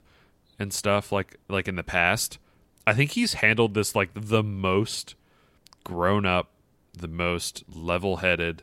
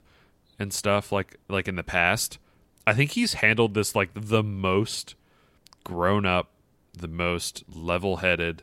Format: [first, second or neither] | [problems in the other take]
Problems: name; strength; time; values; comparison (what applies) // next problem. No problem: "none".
neither | none